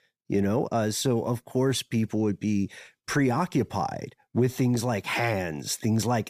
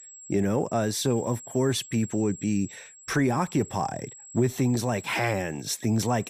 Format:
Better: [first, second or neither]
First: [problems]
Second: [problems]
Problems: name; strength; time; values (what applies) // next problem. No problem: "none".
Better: first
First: none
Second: high-pitched whine; noticeable; throughout; 7.5 kHz, 15 dB below the speech